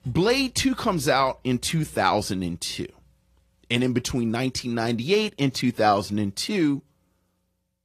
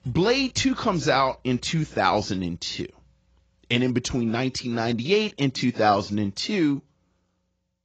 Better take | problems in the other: first | garbled, watery; badly; nothing above 7.5 kHz; slightly in the first

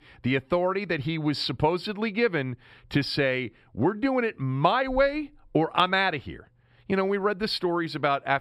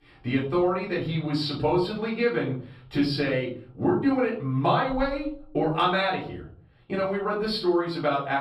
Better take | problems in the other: first | room echo; slight; dies away in 0.5 s // off-mic speech; far

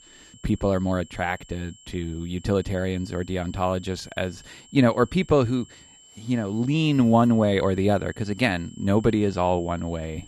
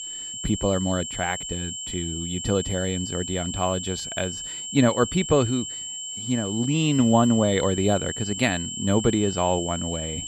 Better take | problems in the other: first | high-pitched whine; loud; throughout; 3 kHz, 6 dB below the speech; faint in the first

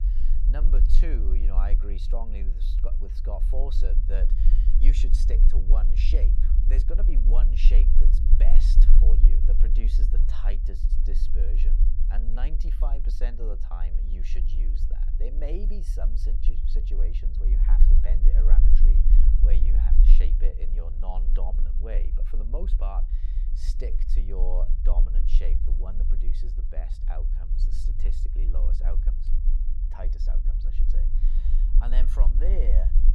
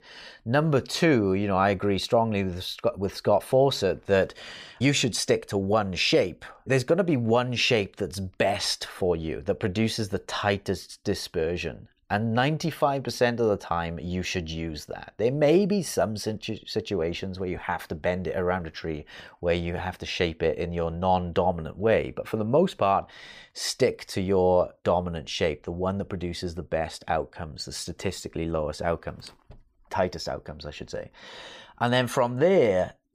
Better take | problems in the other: second | low rumble; loud; throughout; 5 dB below the speech

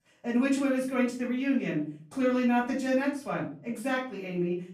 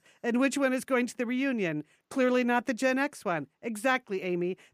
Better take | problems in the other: second | off-mic speech; far // room echo; noticeable; dies away in 0.5 s

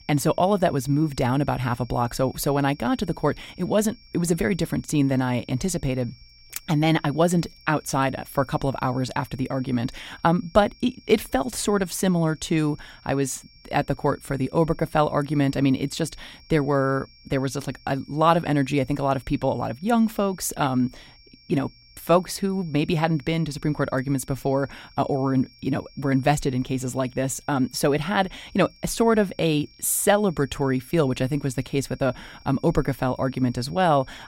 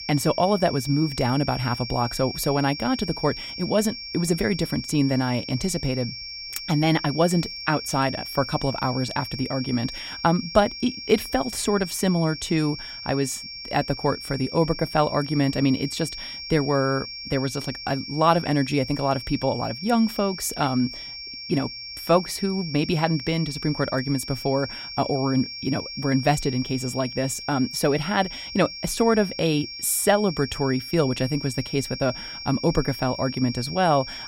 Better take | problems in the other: first | high-pitched whine; loud; throughout; 5.5 kHz, 9 dB below the speech; faint in the first

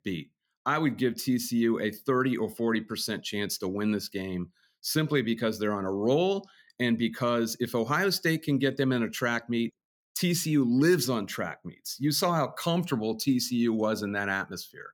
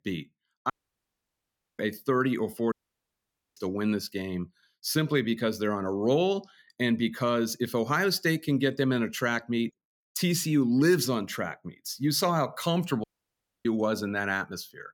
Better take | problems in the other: first | audio cutting out; at 0.5 s for 1 s, at 2.5 s for 1 s and at 13 s for 0.5 s

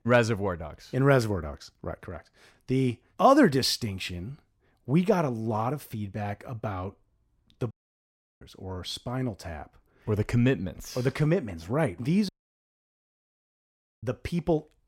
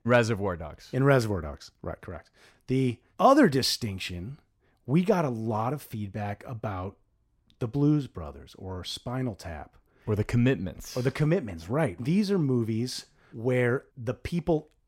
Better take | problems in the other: second | audio cutting out; at 7.5 s for 0.5 s and at 12 s for 1.5 s

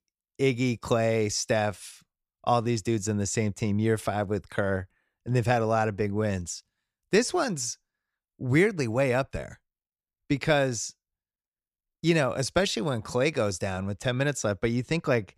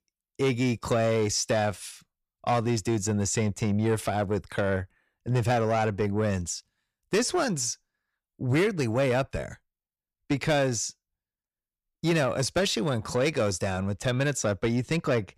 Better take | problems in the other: first | distortion; slight; 10 dB below the speech

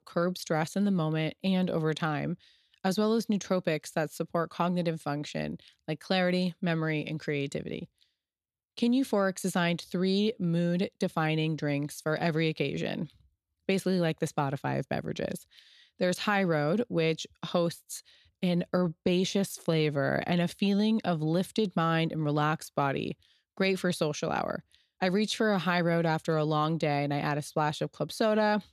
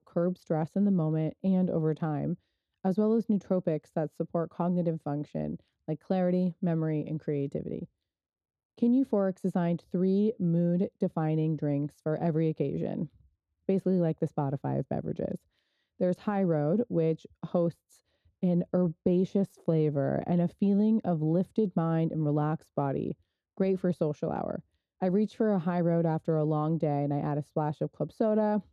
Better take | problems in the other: first | muffled; very; fading above 1 kHz

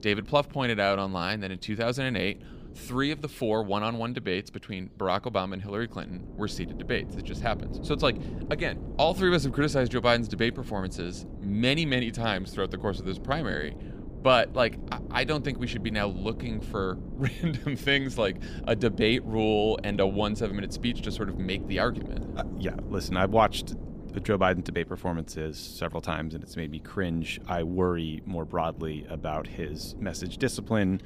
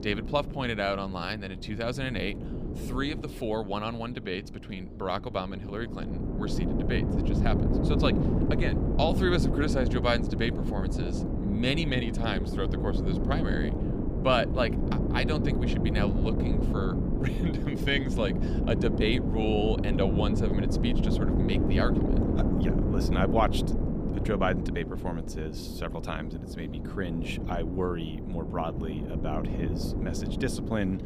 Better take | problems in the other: first | wind noise on the microphone; heavy; 4 dB below the speech; occasional gusts in the first

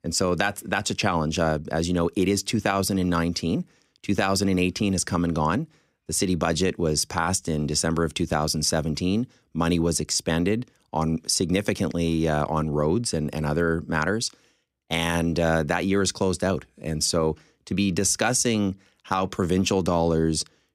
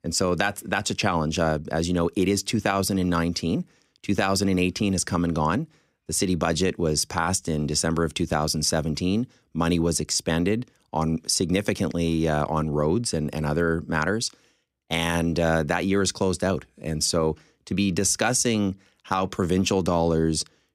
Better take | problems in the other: neither | none

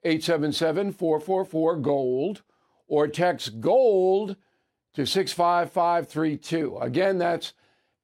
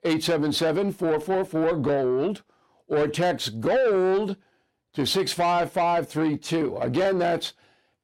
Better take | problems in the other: first | distortion; slight; 10 dB below the speech

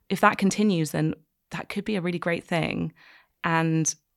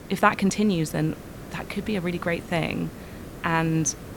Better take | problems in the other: first | hiss; noticeable; throughout; 15 dB below the speech

